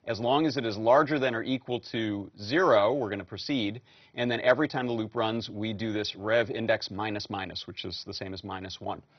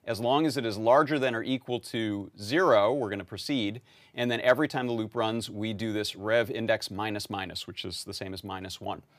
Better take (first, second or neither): second